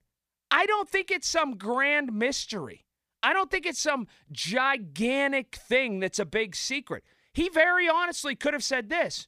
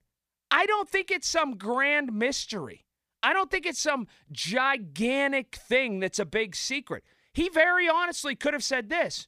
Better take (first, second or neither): neither